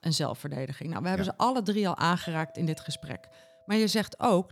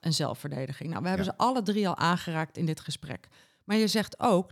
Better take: second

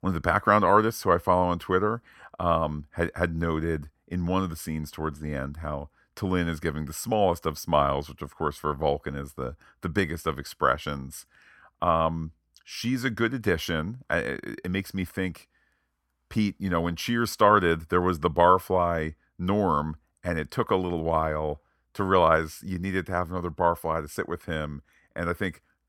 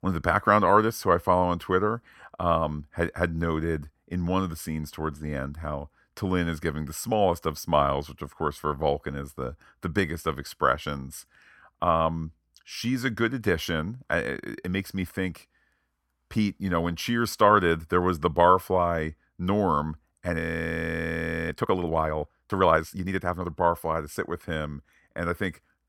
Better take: first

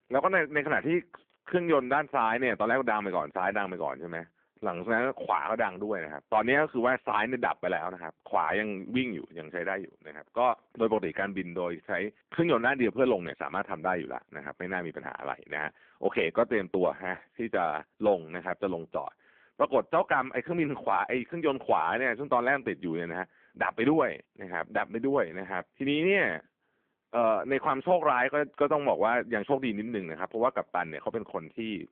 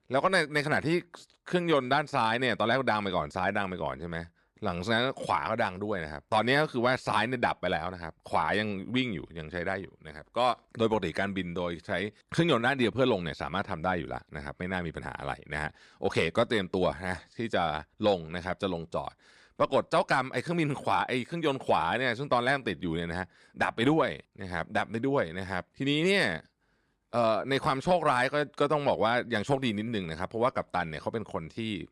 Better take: second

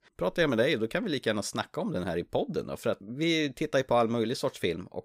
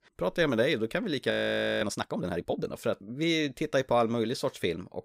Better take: first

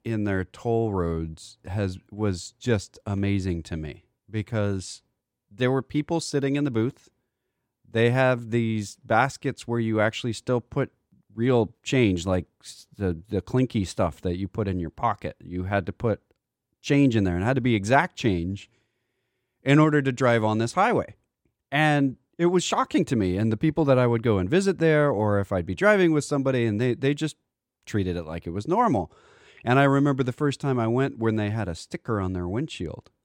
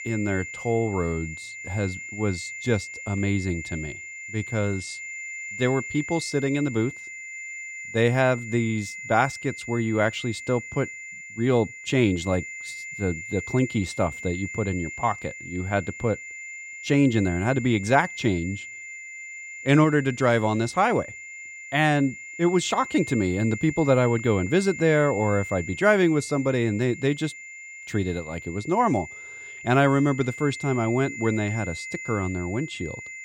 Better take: first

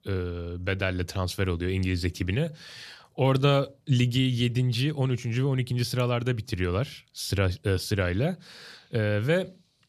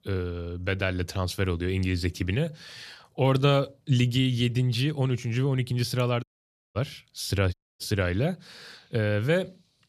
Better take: first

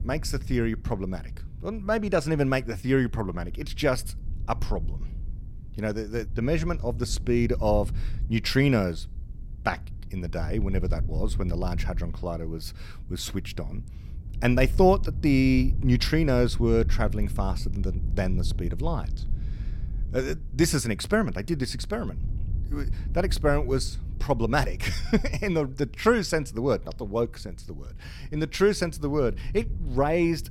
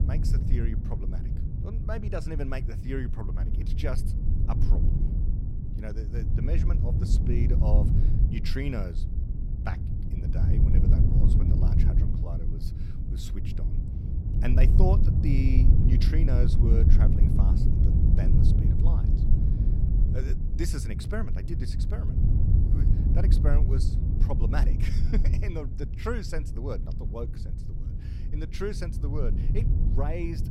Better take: first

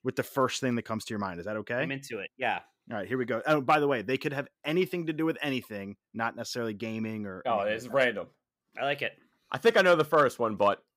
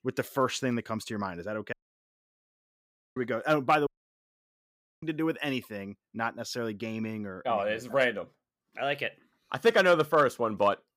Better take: first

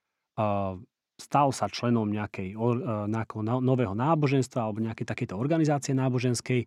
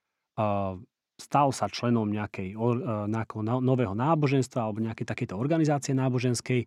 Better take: neither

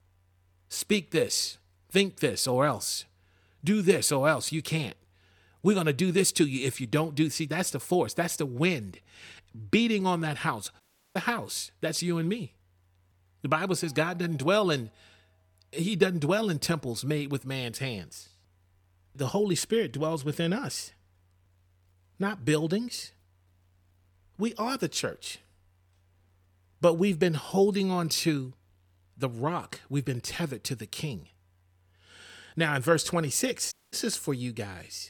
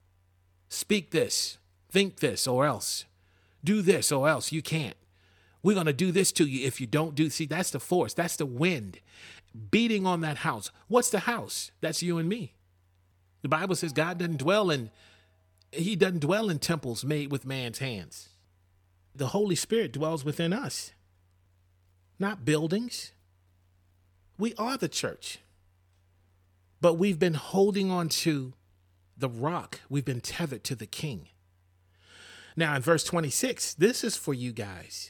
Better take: second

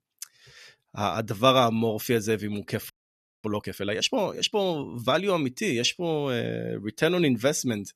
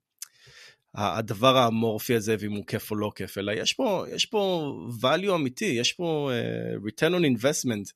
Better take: second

